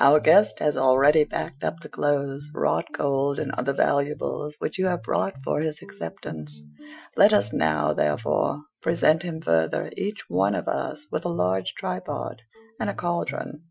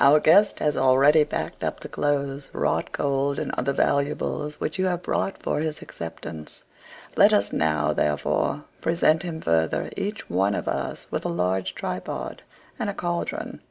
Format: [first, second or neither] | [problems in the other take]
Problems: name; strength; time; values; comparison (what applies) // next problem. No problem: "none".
second | noise reduction (classical method Wiener filter)